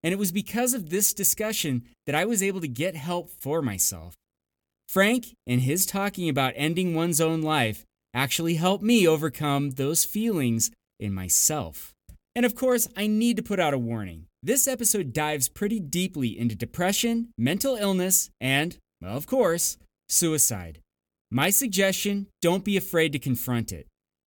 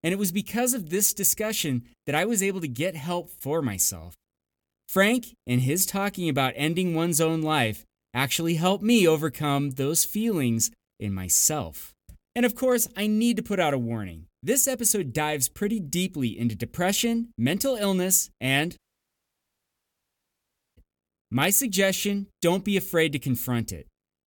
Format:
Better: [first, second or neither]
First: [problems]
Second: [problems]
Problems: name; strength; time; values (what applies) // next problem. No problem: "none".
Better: first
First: none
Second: audio cutting out; at 19 s for 2 s